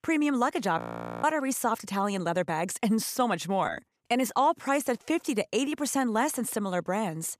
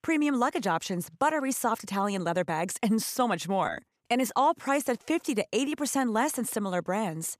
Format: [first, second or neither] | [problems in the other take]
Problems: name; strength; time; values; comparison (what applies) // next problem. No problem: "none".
second | audio freezing; at 1 s